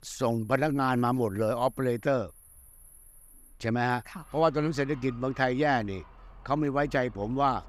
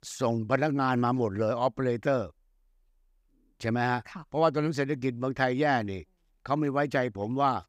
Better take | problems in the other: second | animal sounds; faint; throughout; 25 dB below the speech

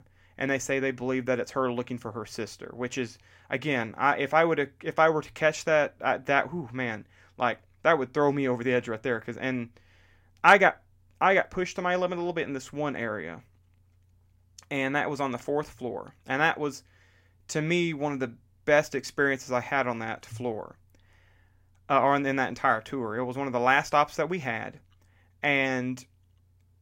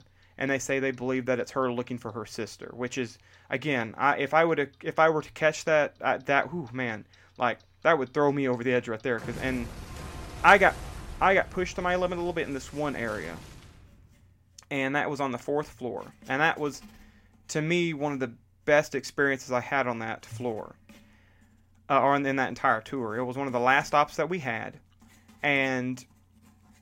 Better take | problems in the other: first | household noises; noticeable; throughout; 20 dB below the speech

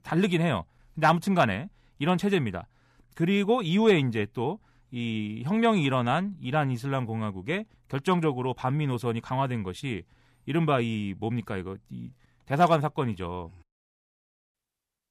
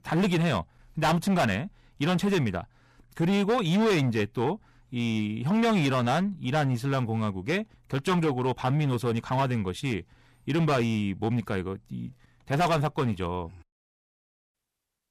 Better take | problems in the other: first | distortion; heavy; 10% of the sound clipped

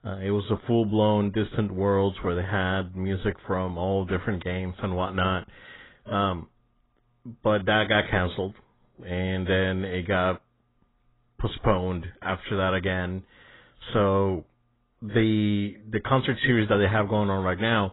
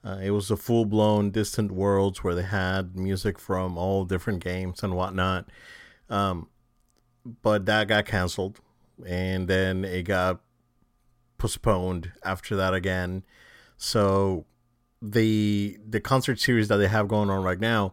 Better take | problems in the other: second | garbled, watery; badly; nothing above 4 kHz

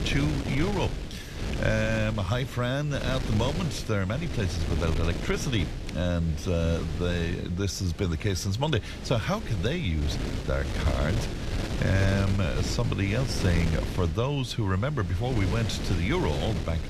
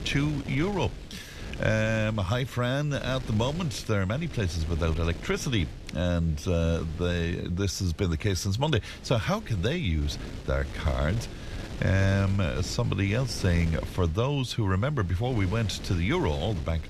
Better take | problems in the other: second | wind noise on the microphone; heavy; 7 dB below the speech; occasional gusts in the second

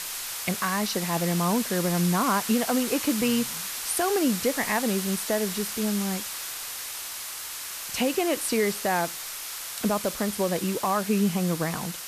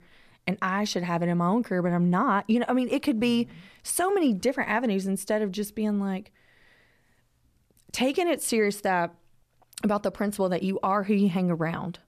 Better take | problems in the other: second | hiss; loud; throughout; 5 dB below the speech

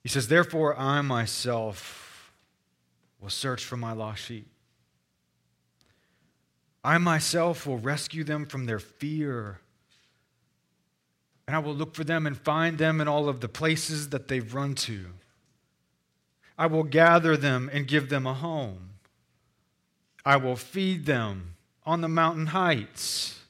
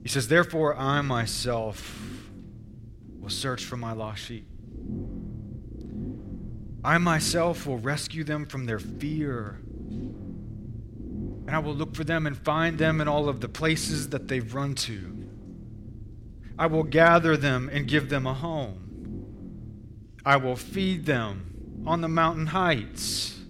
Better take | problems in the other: first | low rumble; faint; throughout; 20 dB below the speech

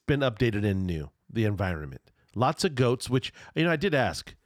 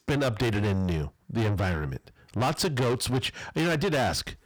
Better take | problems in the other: first | distortion; heavy; 6 dB below the speech

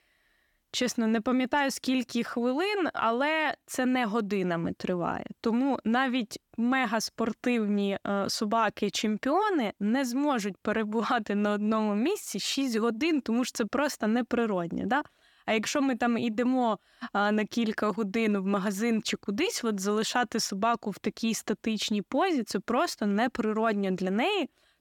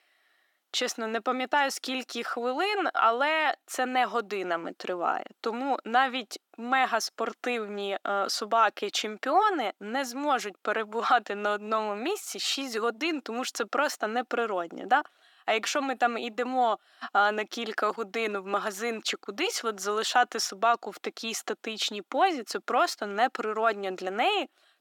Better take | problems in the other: first | thin; somewhat; fading below 350 Hz

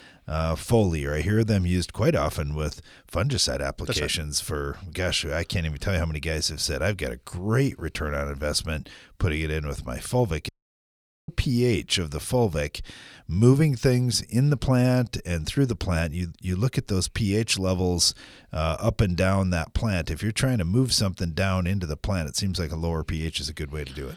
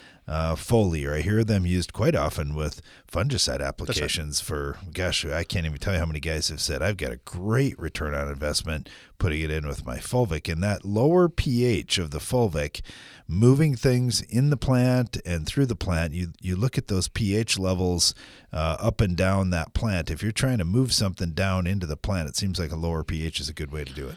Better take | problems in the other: second | audio cutting out; at 10 s for 1 s

